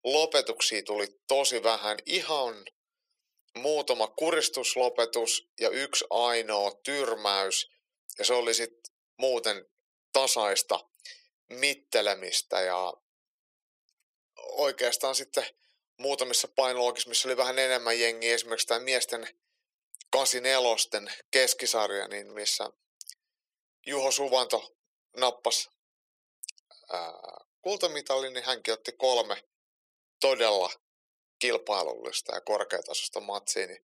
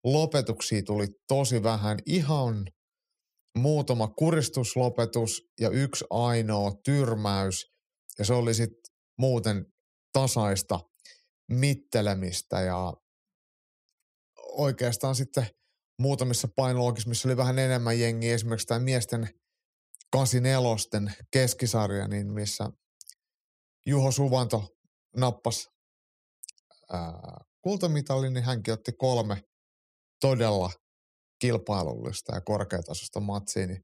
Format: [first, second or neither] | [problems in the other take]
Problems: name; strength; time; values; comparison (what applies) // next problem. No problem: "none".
second | thin; very; fading below 400 Hz